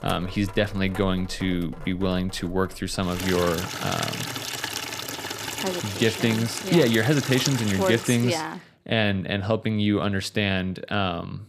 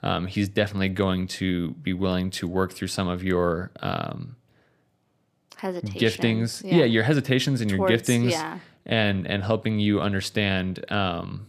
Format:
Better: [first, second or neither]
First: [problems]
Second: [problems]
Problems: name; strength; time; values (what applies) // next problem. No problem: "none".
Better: second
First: household noises; loud; until 8 s; 6 dB below the speech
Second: none